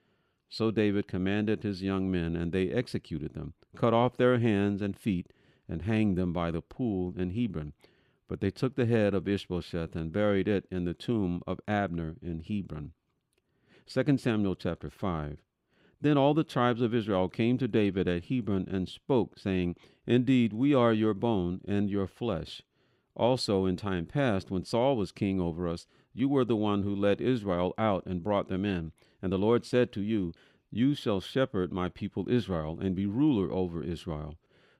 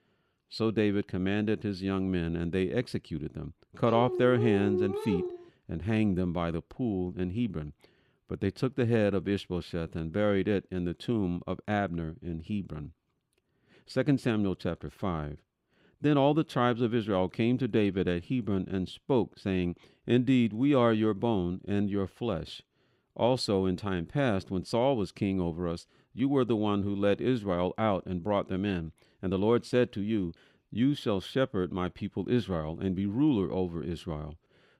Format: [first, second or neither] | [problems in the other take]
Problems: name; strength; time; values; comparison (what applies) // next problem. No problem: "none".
first | dog barking; noticeable; from 4 to 5.5 s; peak 1 dB below the speech